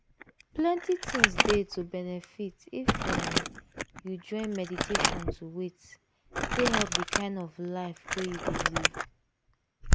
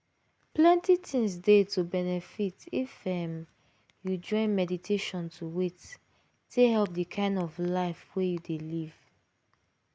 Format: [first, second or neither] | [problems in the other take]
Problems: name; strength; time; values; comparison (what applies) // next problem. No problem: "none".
second | background sound (Crumpling, crinkling); 3 dB above the speech